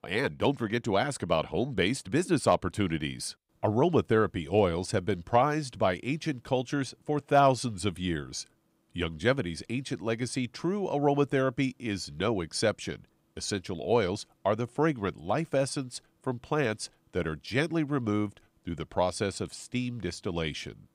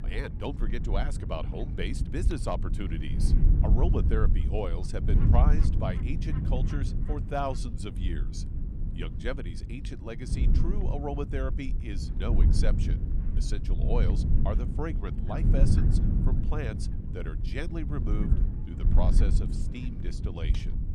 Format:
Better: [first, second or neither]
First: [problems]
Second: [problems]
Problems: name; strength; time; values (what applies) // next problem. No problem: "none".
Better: first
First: none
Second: wind noise on the microphone; heavy; 5 dB below the speech